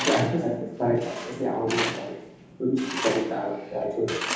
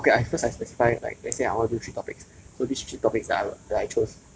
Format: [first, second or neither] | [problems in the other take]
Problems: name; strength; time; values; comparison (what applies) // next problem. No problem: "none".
second | background sound (Tools); 7 dB below the speech // room echo; dies away in 0.8 s